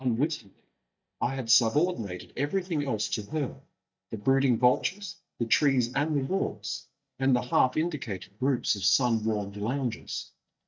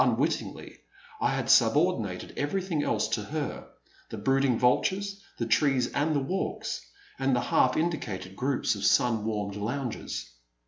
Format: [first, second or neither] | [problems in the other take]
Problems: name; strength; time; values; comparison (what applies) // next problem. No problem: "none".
second | noise reduction (neural mask model DeepFilterNet 3)